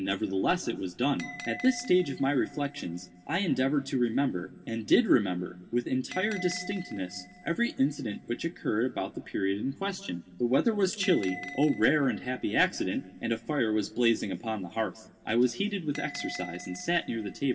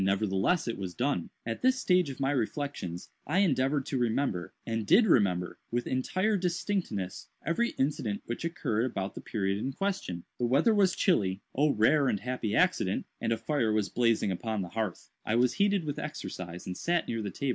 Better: second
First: background sound (Bell); 18 dB below the speech // room echo; dies away in 1.4 s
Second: none

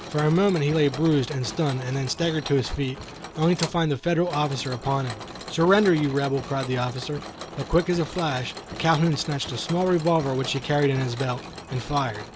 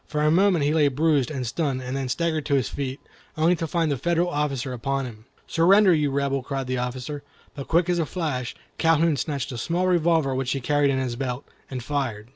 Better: second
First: background sound (Mechanisms); 13 dB below the speech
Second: none

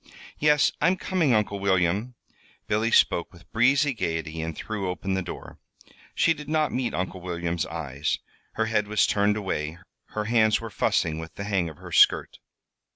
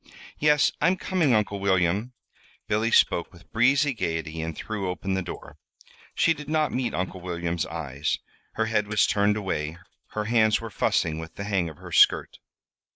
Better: first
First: none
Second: noise reduction (neural mask model Resemble Enhance denoiser)

